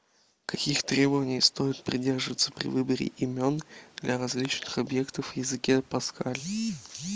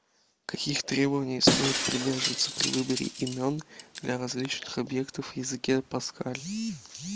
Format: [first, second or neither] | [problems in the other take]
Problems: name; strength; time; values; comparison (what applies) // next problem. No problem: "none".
first | background sound (Shatter); 1 dB below the speech